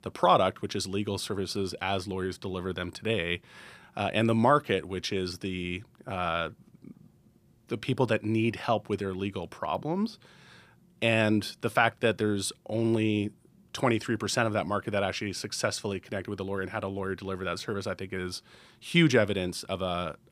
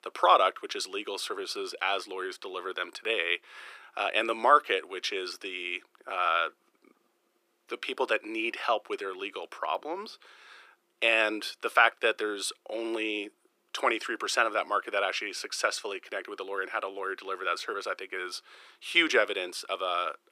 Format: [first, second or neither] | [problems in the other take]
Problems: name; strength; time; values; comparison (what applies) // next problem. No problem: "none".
first | thin; very; fading below 350 Hz